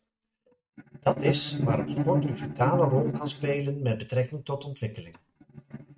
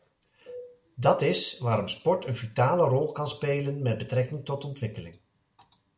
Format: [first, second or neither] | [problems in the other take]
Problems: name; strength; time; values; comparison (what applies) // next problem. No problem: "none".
second | noise reduction (neural mask model RNNoise)